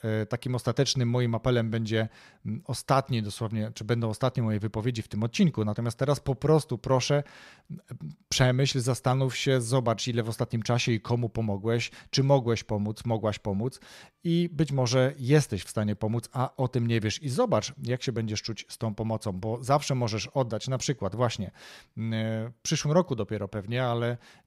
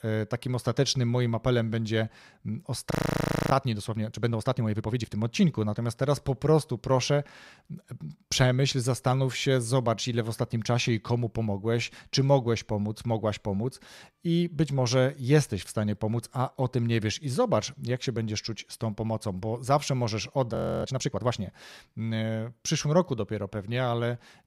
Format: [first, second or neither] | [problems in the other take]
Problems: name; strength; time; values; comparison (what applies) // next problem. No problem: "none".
first | audio freezing; at 3 s for 0.5 s and at 21 s